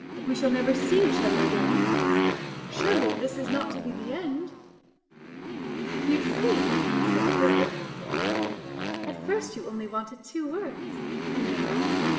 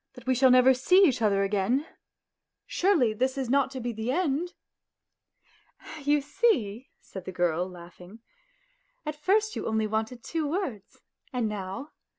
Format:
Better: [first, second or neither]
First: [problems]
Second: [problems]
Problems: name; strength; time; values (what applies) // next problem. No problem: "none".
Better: second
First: background sound (Motorcycle); 3 dB above the speech // room echo; dies away in 1.1 s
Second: none